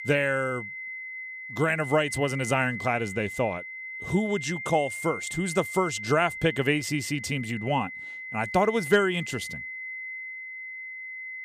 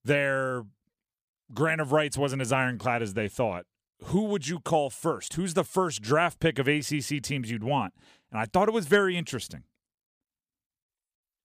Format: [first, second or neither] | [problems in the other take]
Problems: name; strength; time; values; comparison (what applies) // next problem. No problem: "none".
second | high-pitched whine; loud; throughout; 2 kHz, 8 dB below the speech